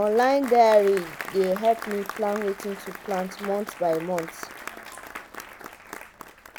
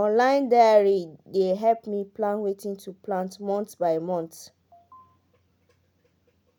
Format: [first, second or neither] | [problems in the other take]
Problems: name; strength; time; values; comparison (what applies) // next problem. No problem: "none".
second | background sound (Applause); 14 dB below the speech